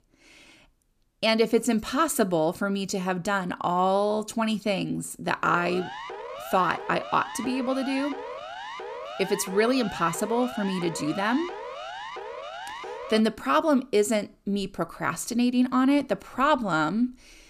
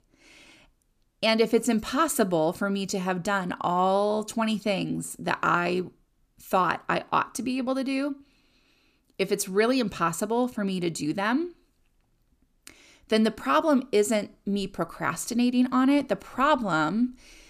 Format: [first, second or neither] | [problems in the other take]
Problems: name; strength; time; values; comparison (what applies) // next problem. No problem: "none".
second | siren; faint; from 5.5 to 13 s; peak 10 dB below the speech